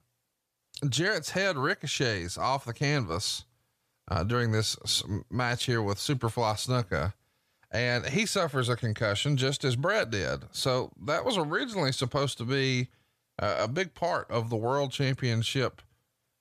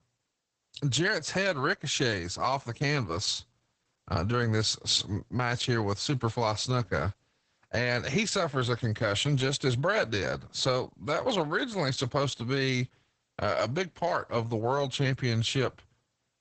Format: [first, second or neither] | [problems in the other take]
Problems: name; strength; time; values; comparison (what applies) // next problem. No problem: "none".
first | garbled, watery; badly; nothing above 8 kHz